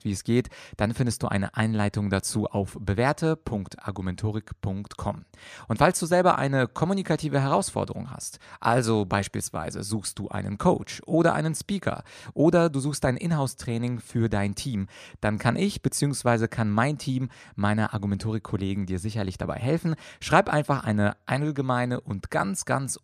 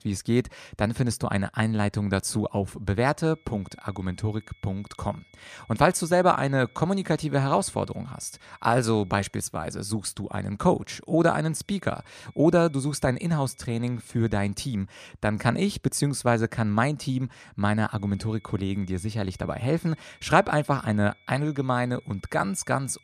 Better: first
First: none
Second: high-pitched whine; faint; from 3.5 to 9.5 s, from 12 to 14 s and from 18 s on; 2 kHz, 30 dB below the speech

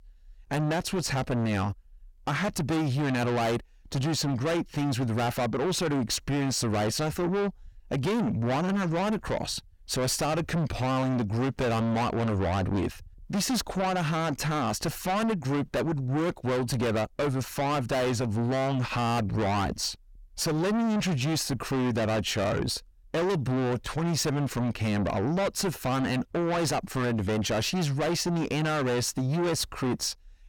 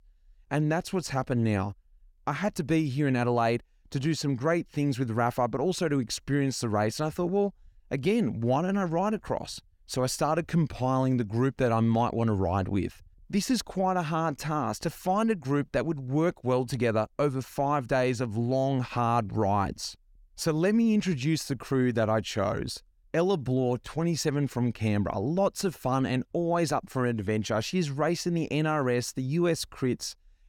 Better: second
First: distortion; heavy; 5 dB below the speech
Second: none

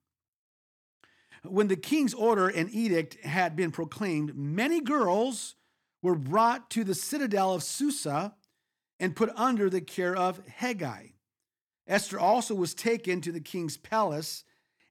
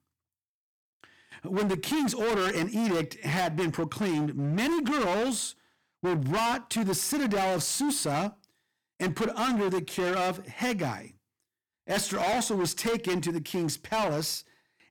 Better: first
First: none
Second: distortion; heavy; 24% of the sound clipped

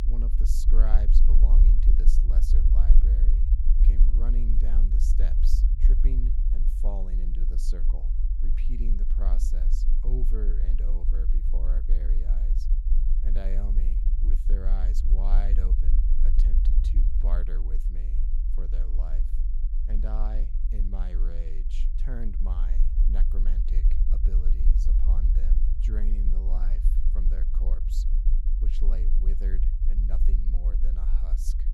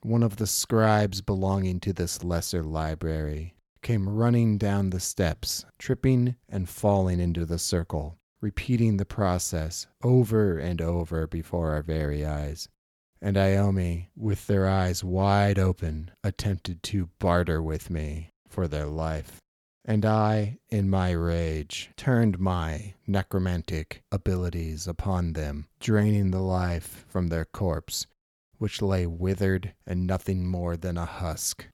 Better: second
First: low rumble; loud; throughout; 3 dB below the speech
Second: none

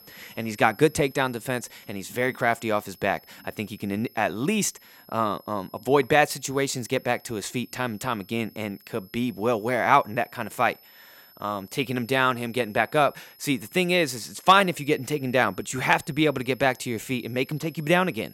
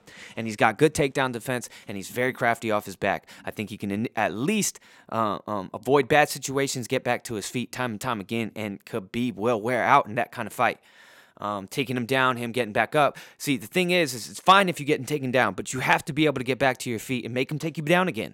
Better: second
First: high-pitched whine; faint; throughout; 11.5 kHz, 25 dB below the speech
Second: none

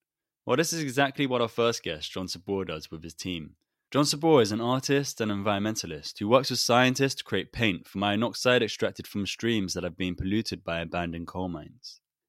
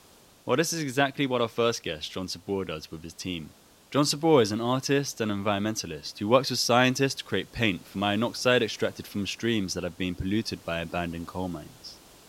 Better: first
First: none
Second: hiss; faint; throughout; 25 dB below the speech

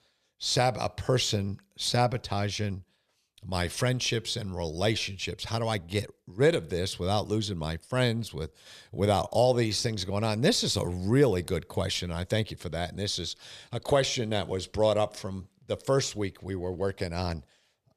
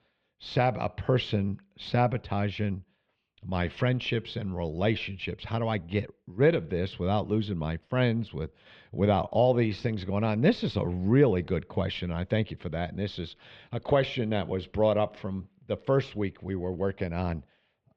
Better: first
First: none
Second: muffled; very; fading above 3 kHz

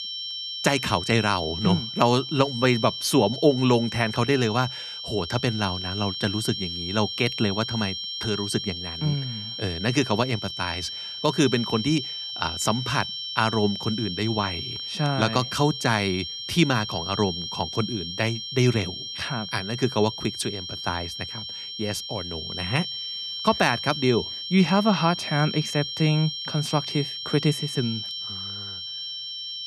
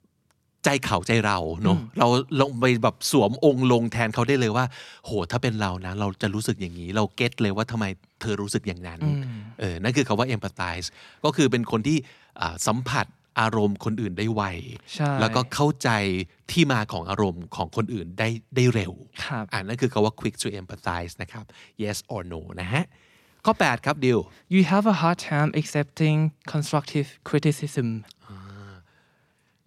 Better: second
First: high-pitched whine; loud; throughout; 3 kHz, 6 dB below the speech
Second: none

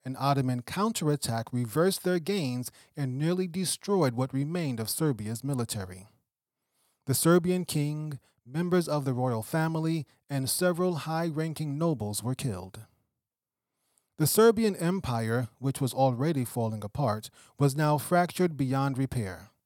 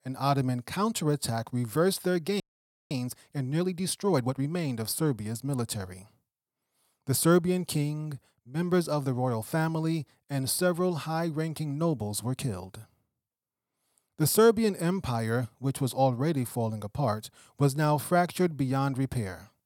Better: first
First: none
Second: audio freezing; at 2.5 s for 0.5 s

